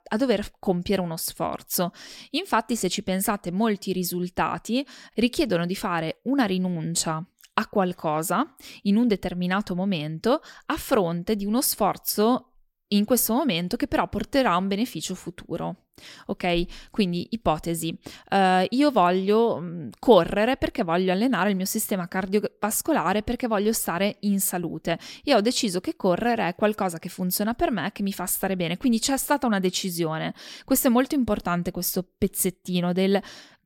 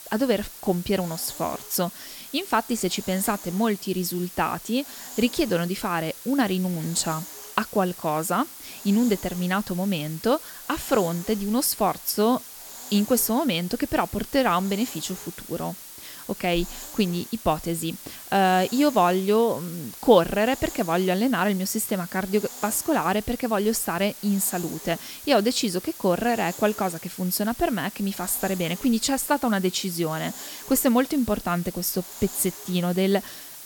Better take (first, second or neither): first